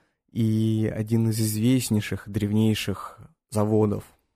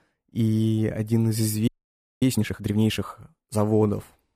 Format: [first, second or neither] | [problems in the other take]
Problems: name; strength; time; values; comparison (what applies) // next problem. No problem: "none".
first | audio freezing; at 1.5 s for 0.5 s